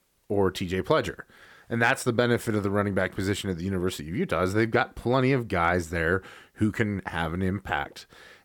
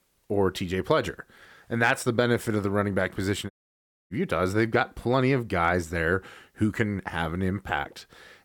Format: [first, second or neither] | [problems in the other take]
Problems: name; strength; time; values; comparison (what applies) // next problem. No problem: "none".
first | audio cutting out; at 3.5 s for 0.5 s